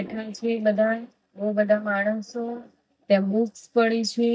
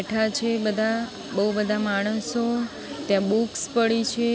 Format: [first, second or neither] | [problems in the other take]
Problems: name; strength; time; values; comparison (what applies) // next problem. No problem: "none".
second | noise reduction (neural mask model DeepFilterNet 3)